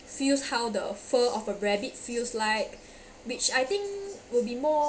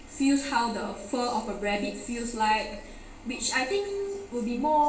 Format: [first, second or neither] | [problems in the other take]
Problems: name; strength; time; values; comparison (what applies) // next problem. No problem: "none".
first | room echo; dies away in 0.8 s